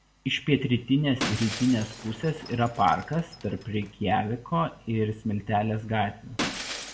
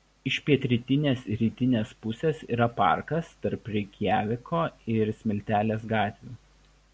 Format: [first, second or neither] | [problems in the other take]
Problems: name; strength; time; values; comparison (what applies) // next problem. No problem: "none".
second | background sound (Shatter); 12 dB below the speech // room echo; dies away in 0.5 s